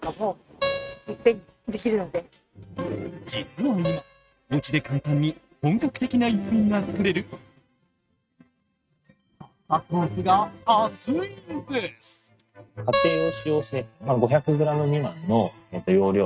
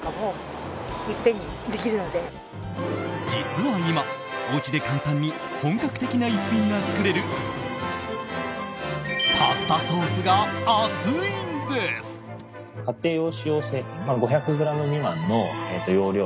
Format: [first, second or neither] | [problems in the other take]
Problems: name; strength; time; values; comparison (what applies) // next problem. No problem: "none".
second | noise reduction (neural mask model RNNoise)